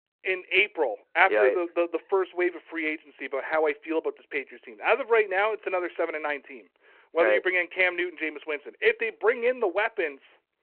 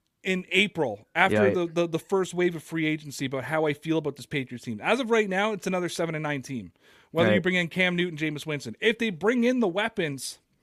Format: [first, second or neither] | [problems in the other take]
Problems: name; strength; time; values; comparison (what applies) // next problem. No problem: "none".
second | phone-call audio